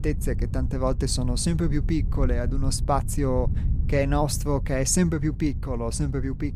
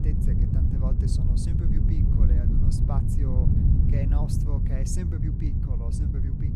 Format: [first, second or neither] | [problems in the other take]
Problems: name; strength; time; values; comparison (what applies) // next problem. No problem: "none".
first | wind noise on the microphone; heavy; 4 dB above the speech; occasional gusts in the first